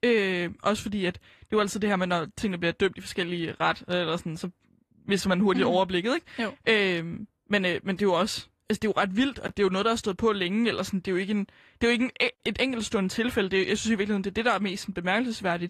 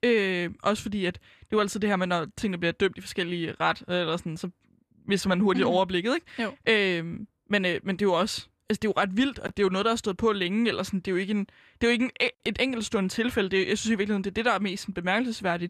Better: second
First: garbled, watery; slightly; nothing above 14 kHz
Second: none

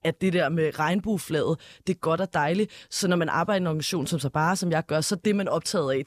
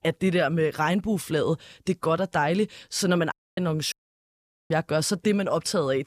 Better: first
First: none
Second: audio cutting out; at 3.5 s and at 4 s for 1 s

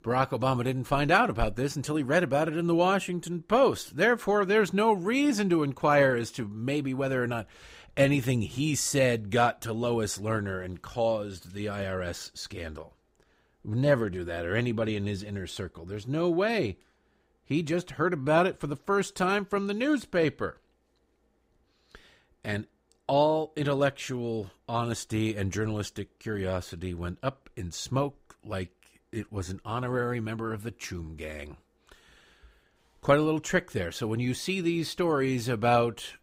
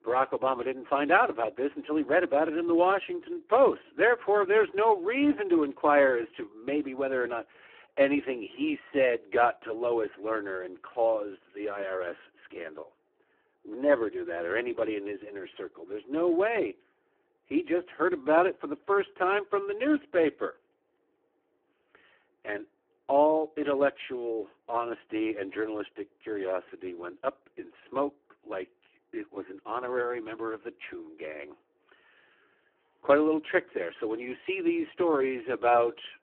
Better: first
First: none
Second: phone-call audio; poor line

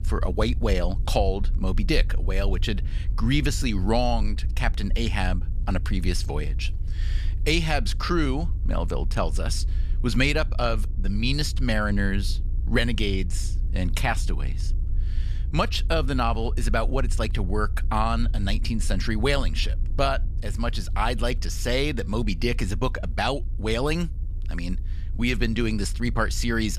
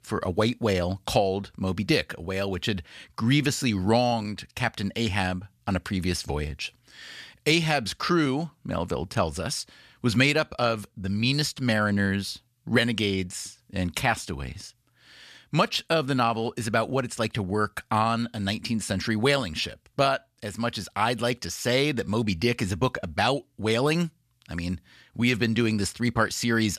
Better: second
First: low rumble; faint; throughout; 20 dB below the speech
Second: none

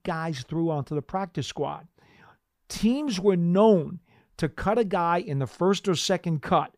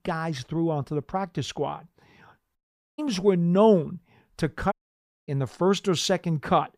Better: first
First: none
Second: audio cutting out; at 2.5 s and at 4.5 s for 0.5 s

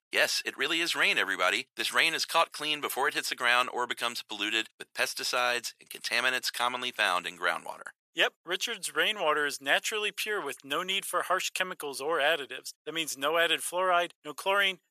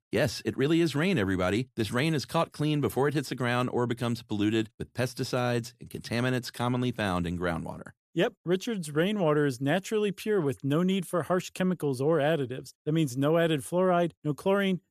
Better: second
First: thin; very; fading below 950 Hz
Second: none

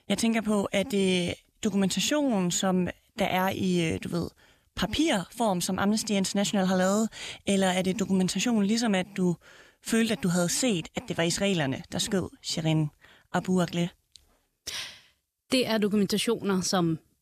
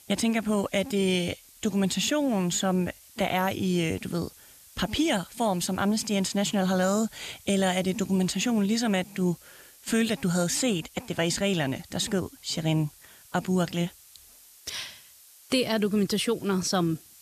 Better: first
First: none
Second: hiss; faint; throughout; 25 dB below the speech

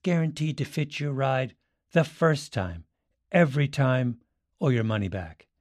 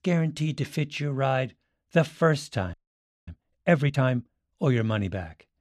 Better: first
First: none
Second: audio freezing; at 2.5 s for 0.5 s

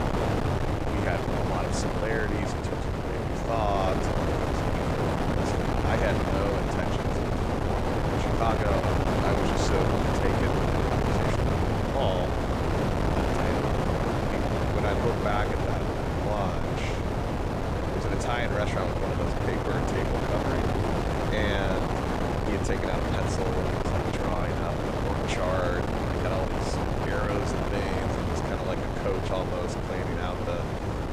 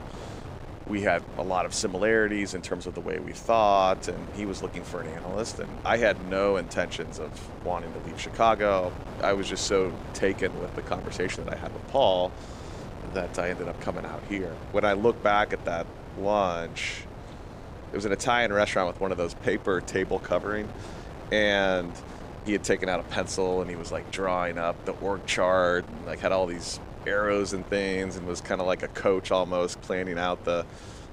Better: second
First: wind noise on the microphone; heavy; 4 dB above the speech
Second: wind noise on the microphone; occasional gusts; 15 dB below the speech

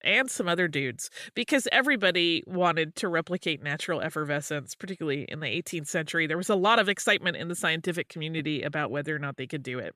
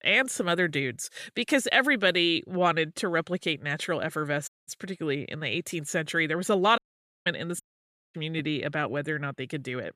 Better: first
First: none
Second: audio cutting out; at 4.5 s, at 7 s and at 7.5 s for 0.5 s

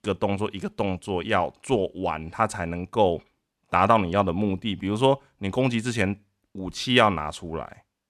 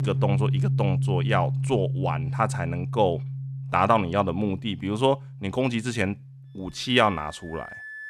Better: first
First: none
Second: background music; loud; throughout; 2 dB below the speech

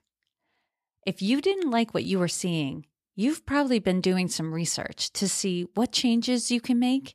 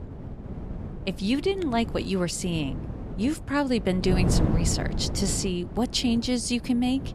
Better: first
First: none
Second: wind noise on the microphone; occasional gusts; 10 dB below the speech

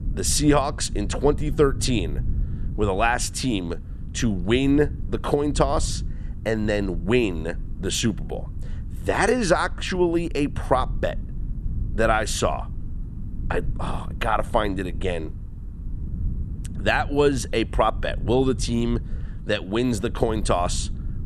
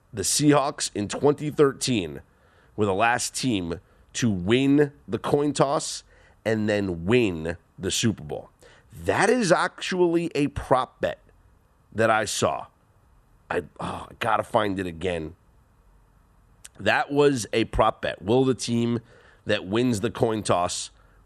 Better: second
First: low rumble; faint; throughout; 20 dB below the speech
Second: none

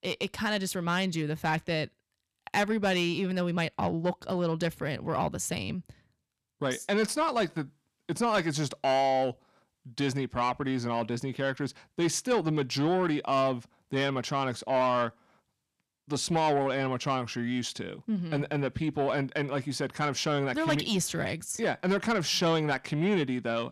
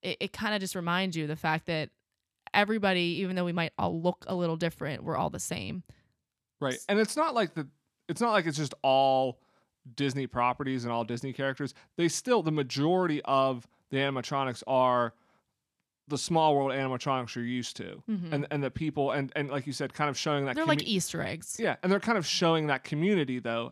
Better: second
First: distortion; slight; 10 dB below the speech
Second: none

